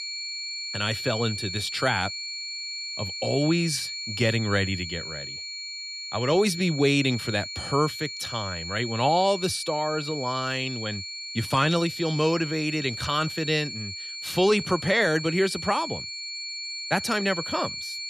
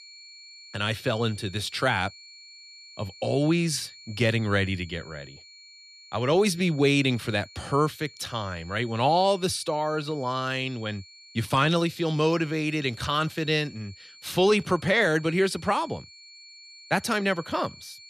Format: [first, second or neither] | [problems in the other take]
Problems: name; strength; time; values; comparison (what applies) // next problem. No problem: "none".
second | high-pitched whine; loud; throughout; 4.5 kHz, 7 dB below the speech; faint in the second